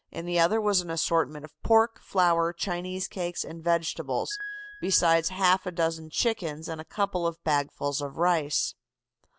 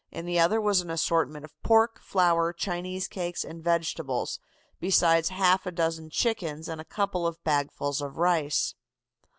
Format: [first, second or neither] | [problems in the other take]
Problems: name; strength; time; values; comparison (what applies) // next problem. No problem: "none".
second | background sound (Piano); 16 dB below the speech